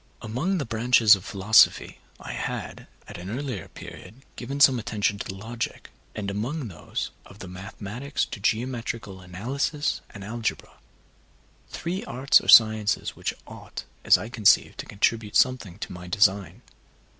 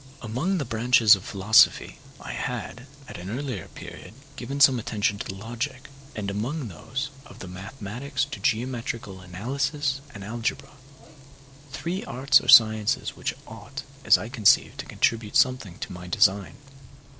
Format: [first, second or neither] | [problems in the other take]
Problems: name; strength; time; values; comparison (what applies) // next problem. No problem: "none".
first | background sound (Frying (food)); 19 dB below the speech